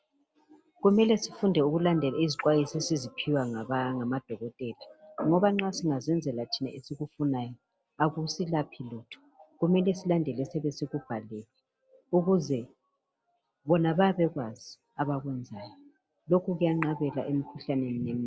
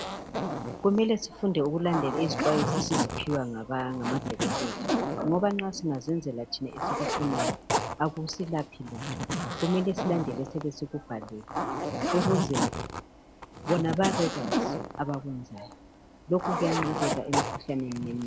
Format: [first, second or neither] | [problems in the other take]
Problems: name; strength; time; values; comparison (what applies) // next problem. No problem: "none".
first | background sound (Zipper (clothing)); 2 dB below the speech